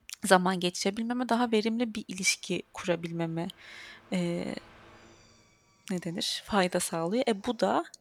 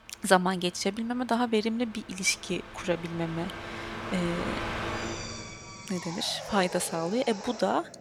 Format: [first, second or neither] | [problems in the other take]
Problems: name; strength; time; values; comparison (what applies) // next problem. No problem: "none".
first | machinery noise; loud; throughout; 9 dB below the speech; faint in the first